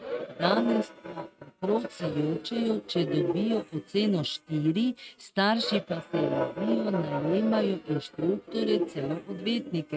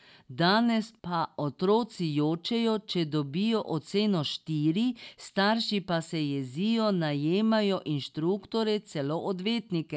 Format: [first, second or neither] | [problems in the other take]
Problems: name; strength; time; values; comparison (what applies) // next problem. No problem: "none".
second | noise reduction (neural mask model RNNoise)